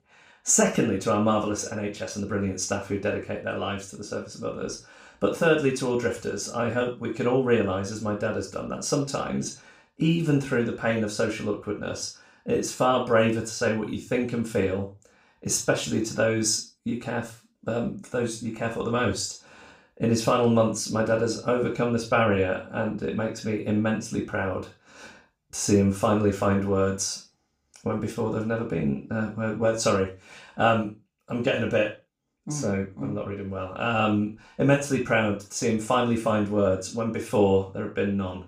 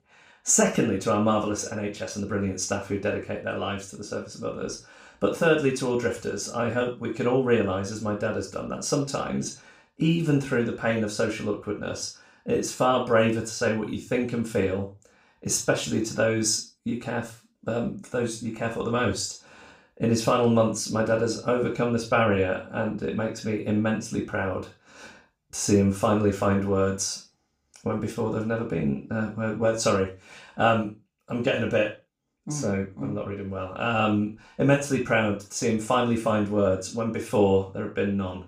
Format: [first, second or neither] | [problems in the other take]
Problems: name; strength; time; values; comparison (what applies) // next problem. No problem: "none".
neither | room echo; slight; dies away in 0.3 s; the same in both // off-mic speech; far; the same in both